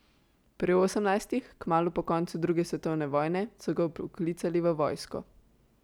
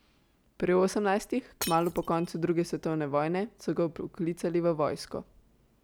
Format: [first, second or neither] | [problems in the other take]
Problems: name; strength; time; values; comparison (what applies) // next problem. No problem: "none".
first | background sound (Shatter); 11 dB below the speech